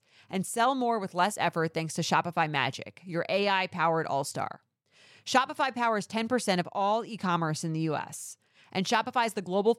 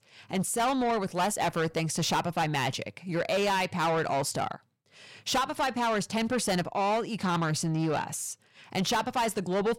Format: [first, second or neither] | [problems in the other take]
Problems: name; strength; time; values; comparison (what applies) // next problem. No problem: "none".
first | distortion; heavy; 7 dB below the speech